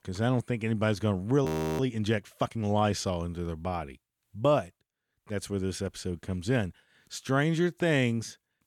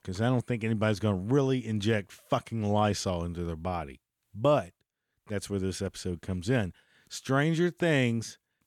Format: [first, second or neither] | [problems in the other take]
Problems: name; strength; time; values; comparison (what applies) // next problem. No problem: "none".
second | audio freezing; at 1.5 s